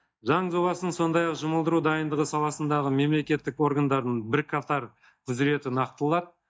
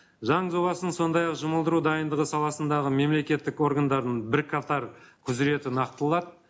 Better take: second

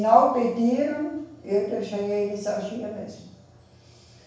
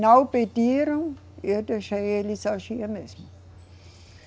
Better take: second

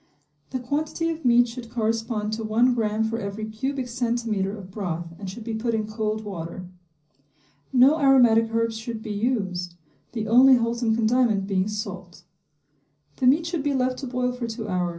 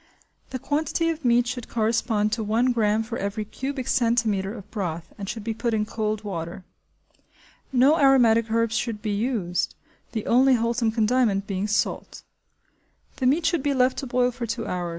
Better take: second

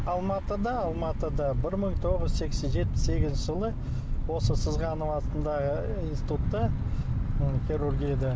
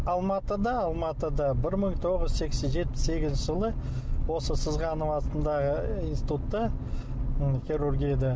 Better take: second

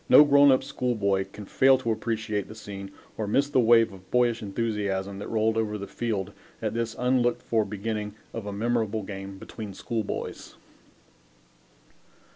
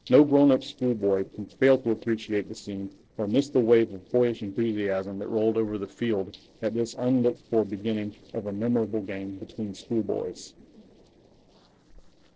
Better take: first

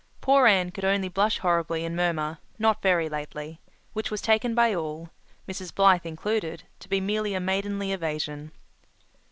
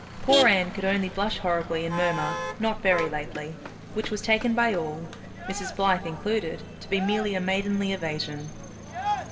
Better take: first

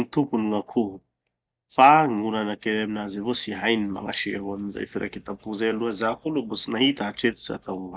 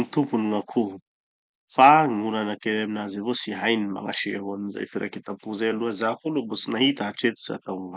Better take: second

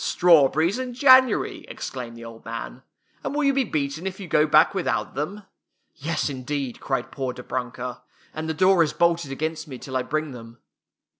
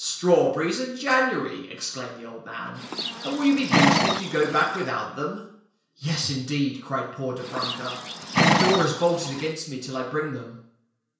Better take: first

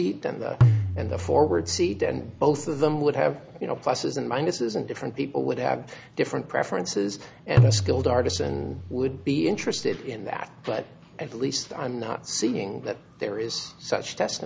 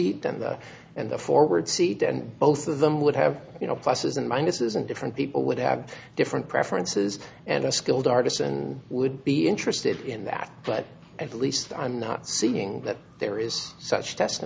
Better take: second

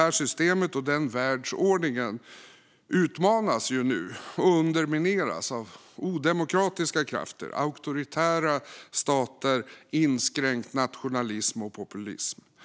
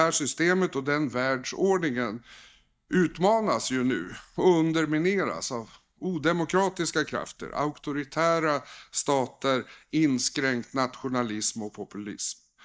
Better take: first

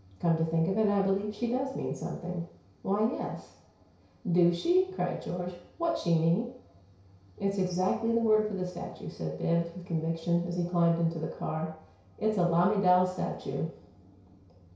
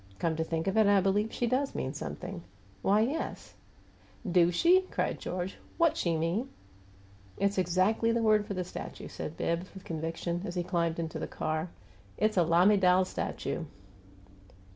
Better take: second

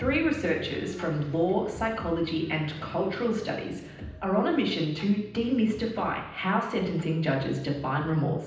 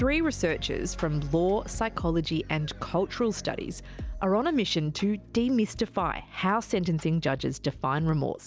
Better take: second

